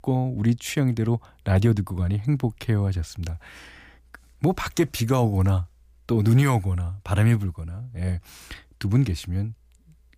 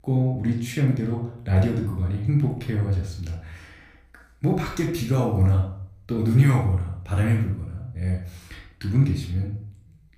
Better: first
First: none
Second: off-mic speech; somewhat distant // room echo; noticeable; dies away in 0.5 s

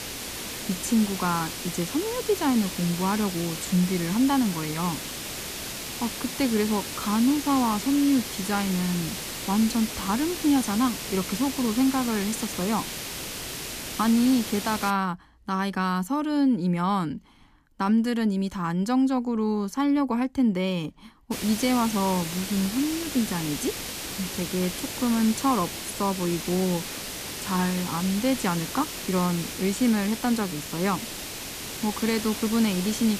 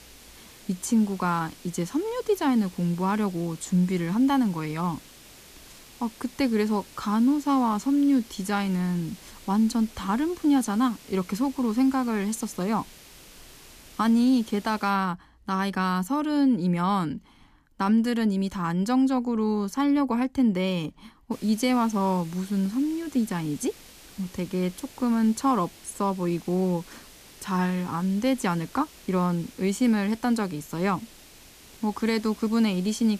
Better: second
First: hiss; loud; until 15 s and from 21 s on; 6 dB below the speech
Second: hiss; faint; until 15 s and from 21 s on; 20 dB below the speech

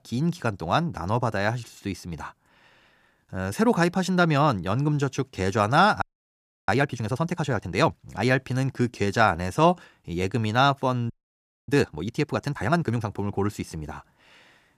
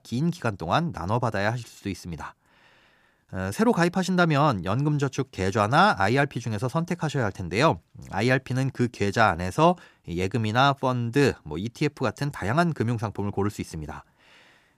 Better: second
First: audio freezing; at 6 s for 0.5 s and at 11 s for 0.5 s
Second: none

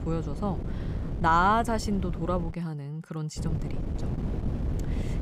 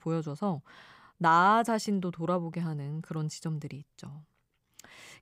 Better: second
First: wind noise on the microphone; occasional gusts; until 2.5 s and from 3.5 s on; 15 dB below the speech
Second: none

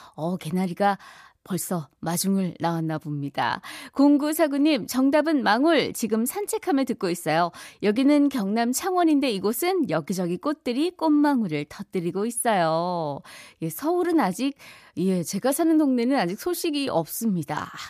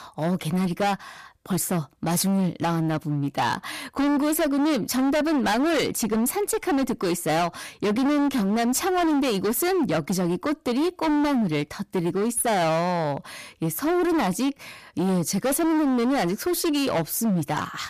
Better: first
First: none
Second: distortion; heavy; 27% of the sound clipped

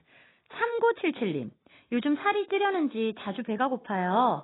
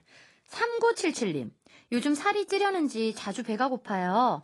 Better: second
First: garbled, watery; badly; nothing above 4 kHz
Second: garbled, watery; slightly; nothing above 10.5 kHz

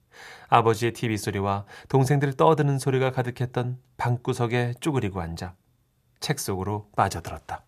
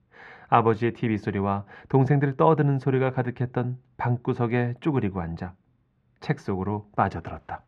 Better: first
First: none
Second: muffled; very; fading above 2 kHz

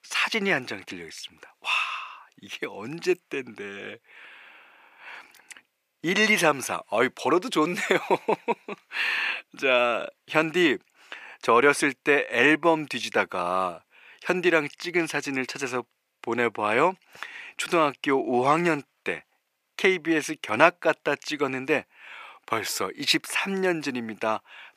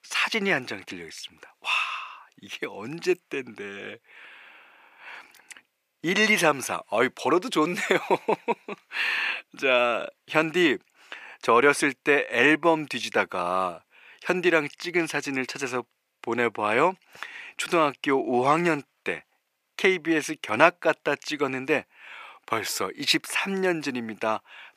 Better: neither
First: thin; very; fading below 450 Hz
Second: thin; very; fading below 450 Hz

